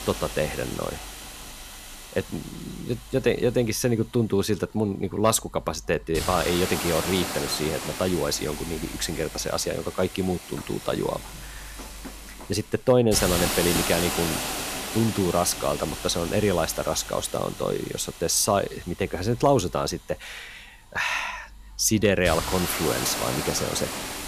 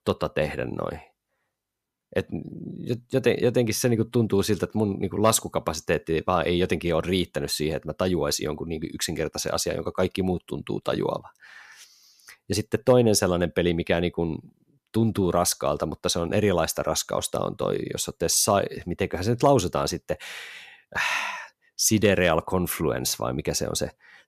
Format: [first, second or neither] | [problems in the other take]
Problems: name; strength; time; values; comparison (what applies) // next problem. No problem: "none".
second | hiss; loud; throughout; 6 dB below the speech